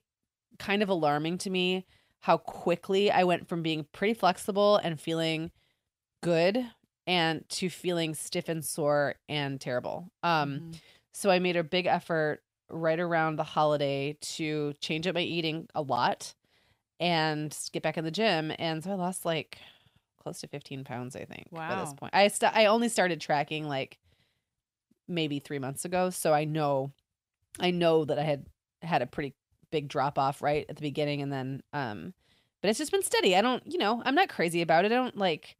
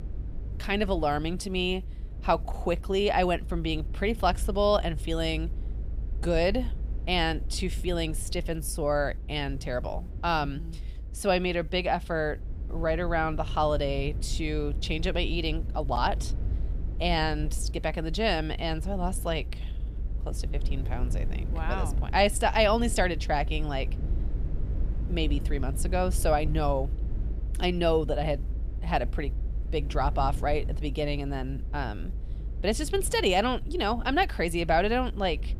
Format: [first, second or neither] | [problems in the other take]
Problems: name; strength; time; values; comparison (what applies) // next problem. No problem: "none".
first | low rumble; faint; throughout; 20 dB below the speech